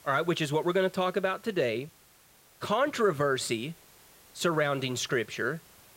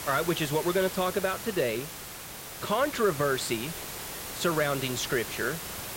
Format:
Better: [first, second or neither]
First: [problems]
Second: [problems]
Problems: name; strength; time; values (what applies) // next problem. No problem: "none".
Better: first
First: hiss; faint; throughout; 25 dB below the speech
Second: hiss; loud; throughout; 8 dB below the speech